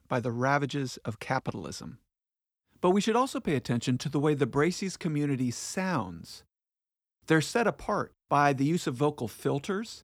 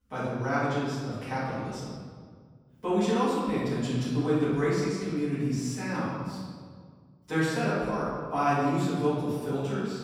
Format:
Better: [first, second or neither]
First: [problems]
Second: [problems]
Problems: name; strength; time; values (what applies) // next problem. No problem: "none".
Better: first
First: none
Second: room echo; strong; dies away in 1.6 s // off-mic speech; far